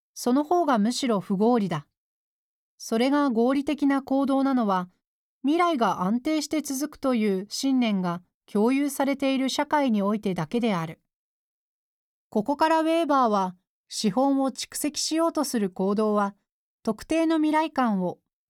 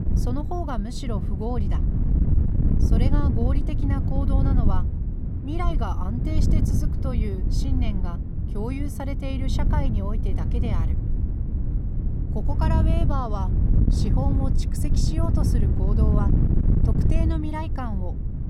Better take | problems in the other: first | wind noise on the microphone; heavy; 3 dB below the speech

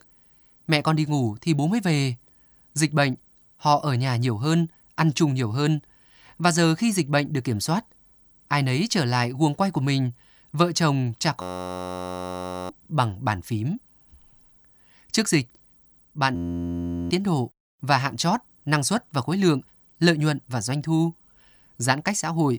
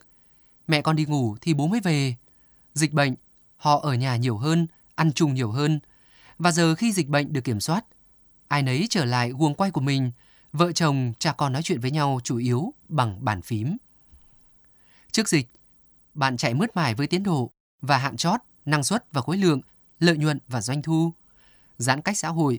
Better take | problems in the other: second | audio freezing; at 11 s for 1.5 s and at 16 s for 1 s

